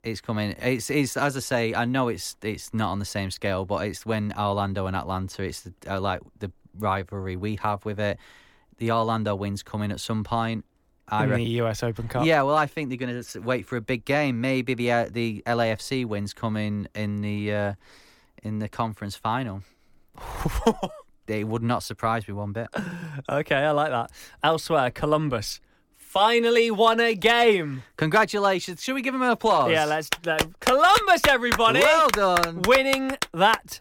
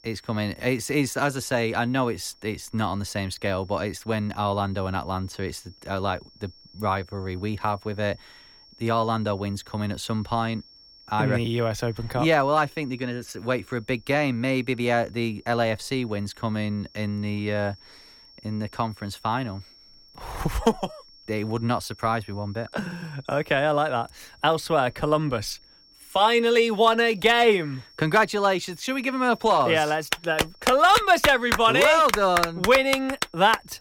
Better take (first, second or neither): first